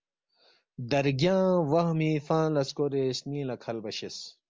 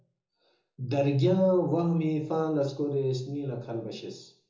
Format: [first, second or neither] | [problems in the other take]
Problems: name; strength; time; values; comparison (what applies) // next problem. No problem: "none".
first | room echo; dies away in 0.6 s